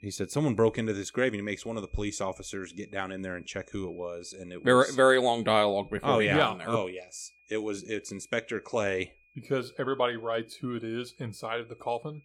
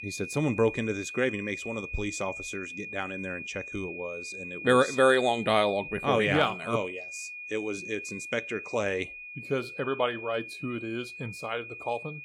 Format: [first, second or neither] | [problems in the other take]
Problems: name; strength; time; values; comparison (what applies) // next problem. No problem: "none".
first | high-pitched whine; loud; throughout; 2.5 kHz, 9 dB below the speech; faint in the first